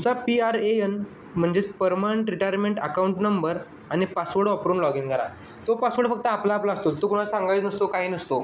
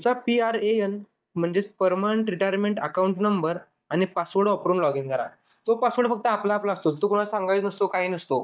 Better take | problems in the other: first | noise reduction (neural mask model DeepFilterNet 3)

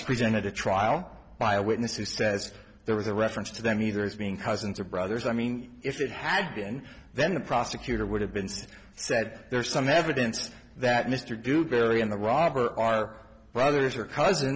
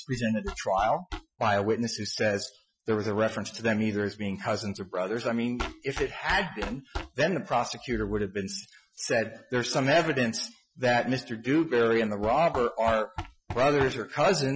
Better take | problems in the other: first | noise reduction (classical method Wiener filter)

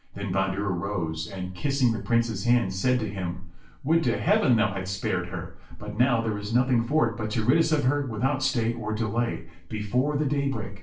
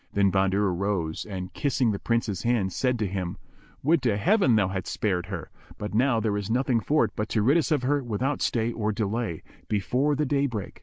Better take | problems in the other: second | room echo; dies away in 0.4 s

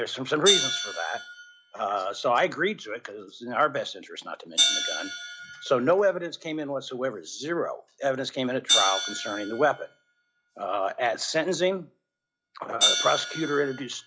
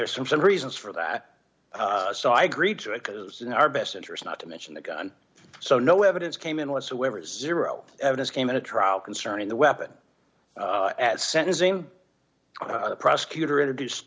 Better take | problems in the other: second | noise reduction (classical method log-MMSE)

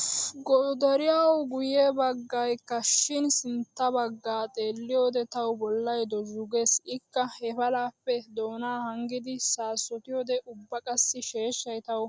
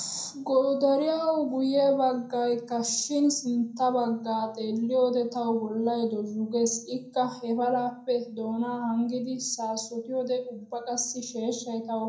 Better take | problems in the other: first | room echo; dies away in 0.5 s

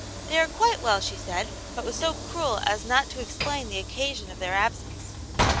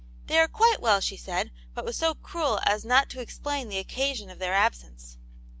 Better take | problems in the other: second | background sound (Sliding door / Train); 5 dB below the speech

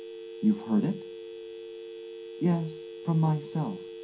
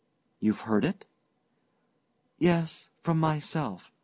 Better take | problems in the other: second | background sound (Telephone); 11 dB below the speech // room echo; dies away in 0.3 s

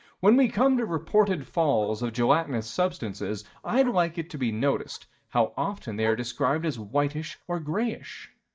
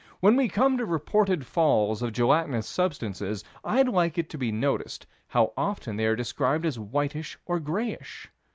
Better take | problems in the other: second | noise reduction (neural mask model DeepFilterNet 3)

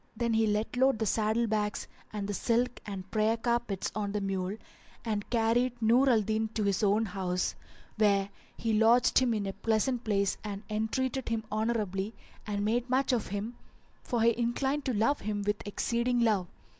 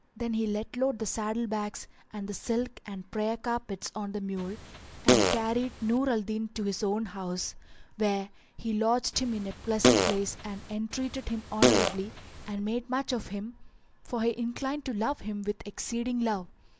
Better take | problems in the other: first | background sound (Fart); 3 dB above the speech

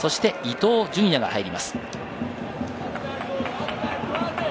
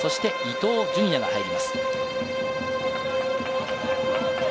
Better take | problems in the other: first | background sound (Bowed string instrument); 3 dB above the speech

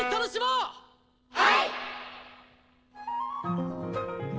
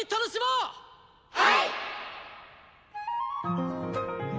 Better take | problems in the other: second | noise reduction (neural separator model SepFormer DNS4)

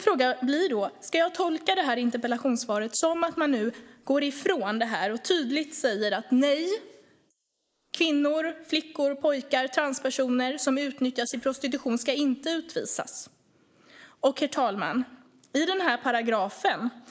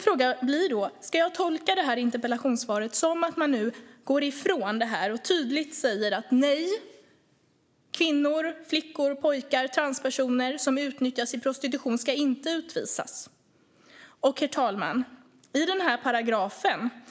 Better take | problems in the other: second | noise reduction (neural mask model Resemble Enhance denoiser)

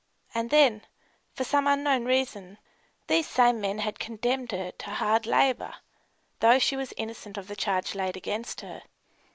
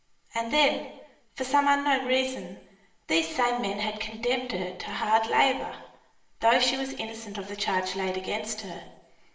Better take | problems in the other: first | room echo; dies away in 0.8 s

